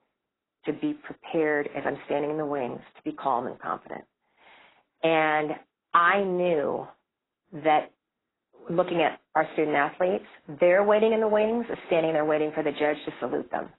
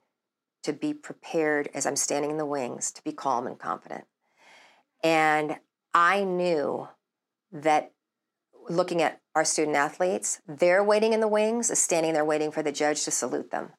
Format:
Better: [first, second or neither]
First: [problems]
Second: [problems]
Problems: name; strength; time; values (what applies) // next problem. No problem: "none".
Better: second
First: garbled, watery; badly; nothing above 4 kHz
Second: none